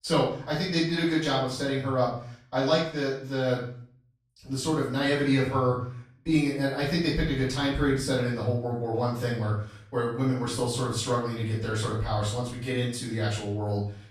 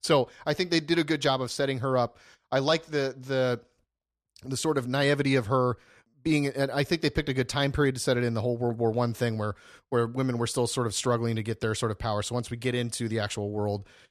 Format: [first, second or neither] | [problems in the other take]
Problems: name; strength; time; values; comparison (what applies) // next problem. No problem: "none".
second | off-mic speech; far // room echo; noticeable; dies away in 0.5 s